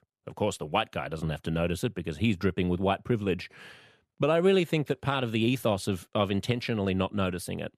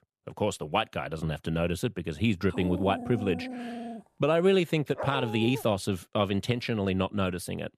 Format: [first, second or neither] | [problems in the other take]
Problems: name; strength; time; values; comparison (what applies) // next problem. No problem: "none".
first | dog barking; noticeable; from 2.5 to 4 s and at 5 s; peak 7 dB below the speech